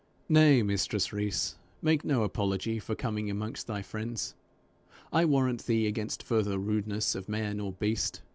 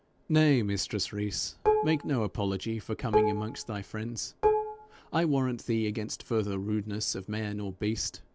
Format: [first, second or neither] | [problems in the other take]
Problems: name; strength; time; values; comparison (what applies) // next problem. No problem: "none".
first | background sound (Dishes, pots, and pans); 1 dB below the speech